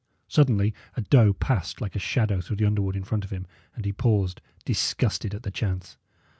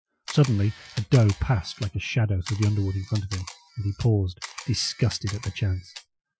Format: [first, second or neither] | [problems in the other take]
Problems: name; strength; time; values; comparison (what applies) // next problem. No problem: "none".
first | noise reduction (classical method Wiener filter)